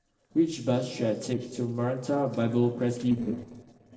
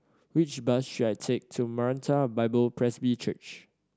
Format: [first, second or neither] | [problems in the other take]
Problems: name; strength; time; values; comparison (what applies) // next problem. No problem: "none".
second | noise reduction (neural separator model SepFormer DNS4)